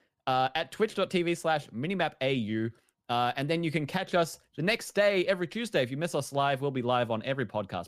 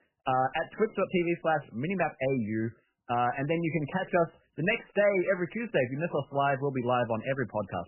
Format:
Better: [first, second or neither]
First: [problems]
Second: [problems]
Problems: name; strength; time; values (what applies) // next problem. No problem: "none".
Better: first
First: none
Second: garbled, watery; badly; nothing above 3 kHz